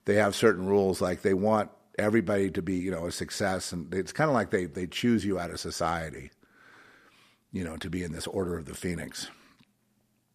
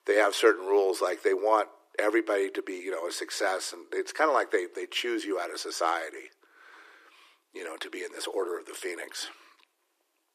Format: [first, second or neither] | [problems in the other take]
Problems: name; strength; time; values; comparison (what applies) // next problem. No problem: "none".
first | thin; very; fading below 300 Hz